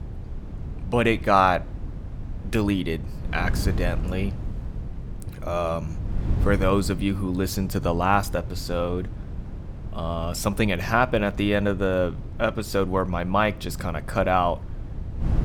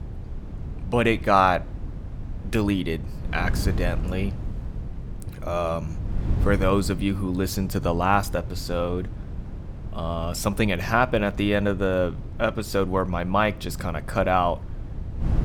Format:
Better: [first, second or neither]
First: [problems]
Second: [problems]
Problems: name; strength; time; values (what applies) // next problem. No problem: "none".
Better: neither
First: wind noise on the microphone; occasional gusts; 20 dB below the speech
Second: wind noise on the microphone; occasional gusts; 20 dB below the speech